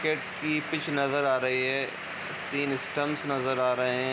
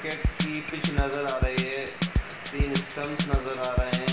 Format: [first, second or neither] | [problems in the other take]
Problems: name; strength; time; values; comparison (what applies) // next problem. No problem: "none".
first | background sound (Drum kit); 3 dB above the speech // room echo; dies away in 0.8 s